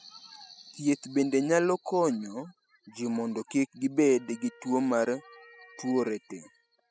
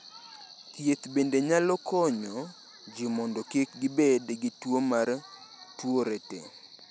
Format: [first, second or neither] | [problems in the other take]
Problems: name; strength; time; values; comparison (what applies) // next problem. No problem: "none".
second | noise reduction (classical method spectral subtraction)